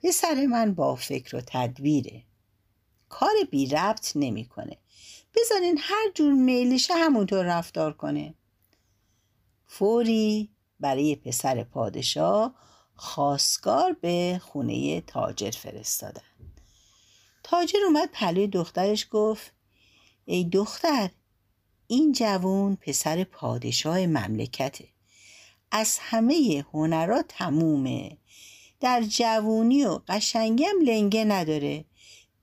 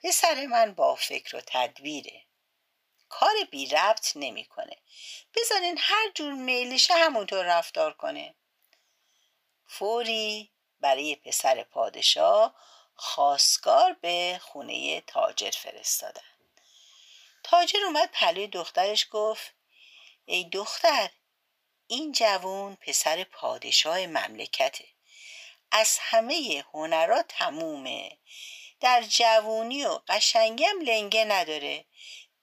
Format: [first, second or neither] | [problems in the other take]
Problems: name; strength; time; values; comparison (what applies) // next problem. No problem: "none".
first | thin; very; fading below 650 Hz